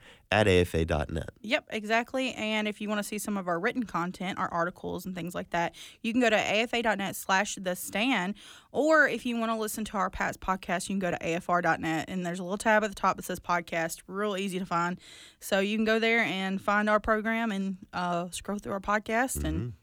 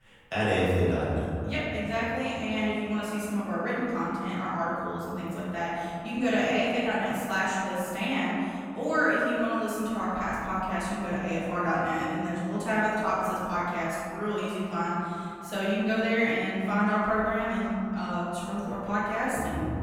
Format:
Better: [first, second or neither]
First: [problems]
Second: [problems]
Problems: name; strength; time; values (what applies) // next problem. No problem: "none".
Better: first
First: none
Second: room echo; strong; dies away in 3 s // off-mic speech; far